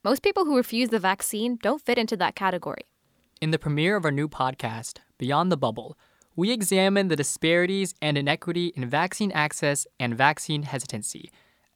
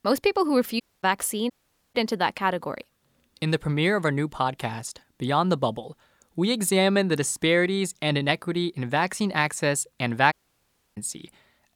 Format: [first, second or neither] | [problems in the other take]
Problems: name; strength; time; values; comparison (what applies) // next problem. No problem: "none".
first | audio cutting out; at 1 s, at 1.5 s and at 10 s for 0.5 s